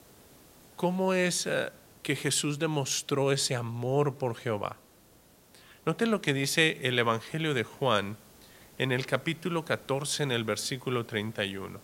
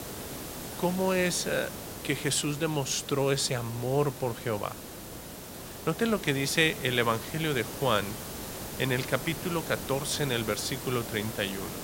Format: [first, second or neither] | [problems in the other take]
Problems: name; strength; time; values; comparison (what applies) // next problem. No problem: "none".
first | hiss; loud; throughout; 9 dB below the speech; faint in the first